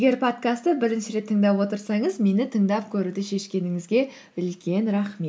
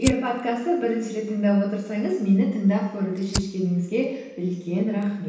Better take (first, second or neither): first